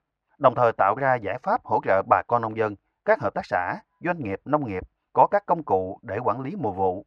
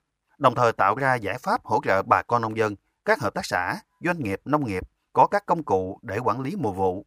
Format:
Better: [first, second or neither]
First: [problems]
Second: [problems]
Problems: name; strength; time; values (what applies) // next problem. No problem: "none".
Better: second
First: muffled; slightly; fading above 2.5 kHz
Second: none